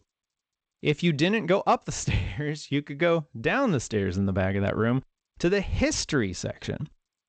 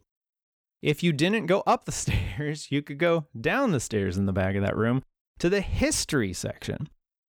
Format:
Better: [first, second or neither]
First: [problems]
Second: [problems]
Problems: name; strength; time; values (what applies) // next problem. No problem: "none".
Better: second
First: garbled, watery; slightly; nothing above 8 kHz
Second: none